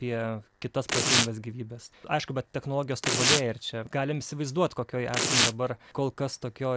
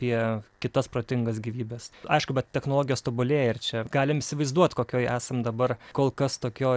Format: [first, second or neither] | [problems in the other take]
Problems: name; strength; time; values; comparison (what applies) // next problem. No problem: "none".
second | background sound (Tearing); 2 dB above the speech